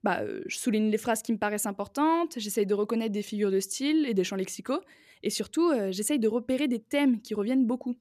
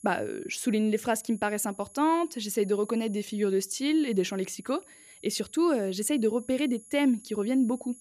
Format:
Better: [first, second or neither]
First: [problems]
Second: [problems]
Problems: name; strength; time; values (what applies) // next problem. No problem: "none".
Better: first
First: none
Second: high-pitched whine; faint; throughout; 11 kHz, 20 dB below the speech